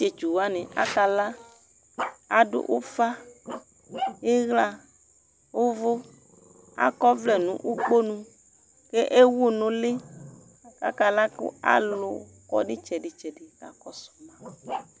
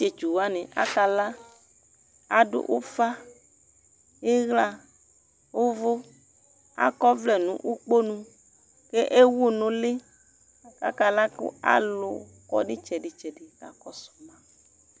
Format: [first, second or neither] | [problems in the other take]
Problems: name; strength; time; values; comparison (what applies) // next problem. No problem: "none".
second | background sound (Growling); 15 dB below the speech